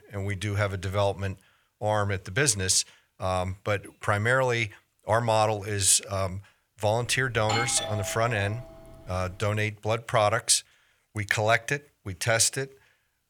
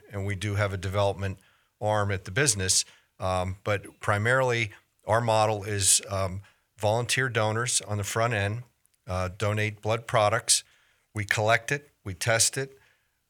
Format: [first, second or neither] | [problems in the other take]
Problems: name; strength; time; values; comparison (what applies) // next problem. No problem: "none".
second | doorbell; noticeable; from 7.5 to 9 s; peak 3 dB below the speech